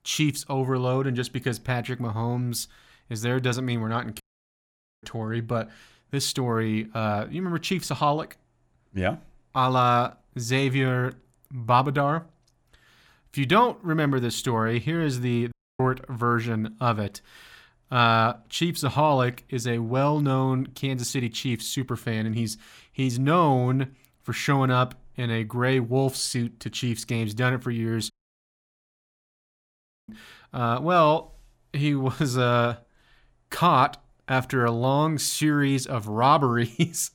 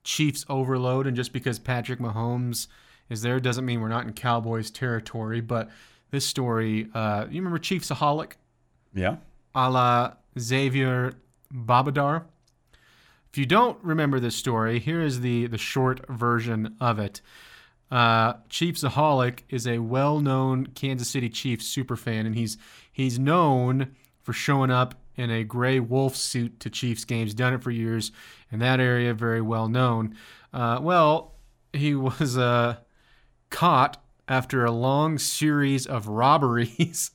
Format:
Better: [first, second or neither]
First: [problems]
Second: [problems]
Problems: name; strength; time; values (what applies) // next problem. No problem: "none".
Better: second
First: audio cutting out; at 4 s for 1 s, at 16 s and at 28 s for 2 s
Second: none